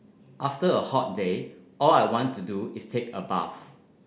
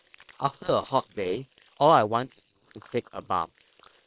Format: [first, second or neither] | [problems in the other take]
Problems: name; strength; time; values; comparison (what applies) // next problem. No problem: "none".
first | noise reduction (neural separator model SepFormer WHAM!)